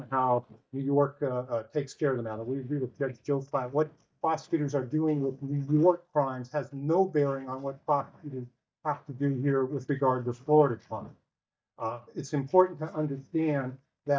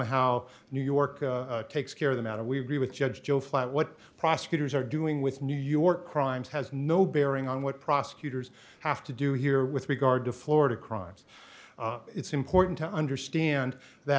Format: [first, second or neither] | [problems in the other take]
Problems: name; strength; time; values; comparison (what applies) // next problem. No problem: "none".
second | noise reduction (neural mask model DeepFilterNet 3)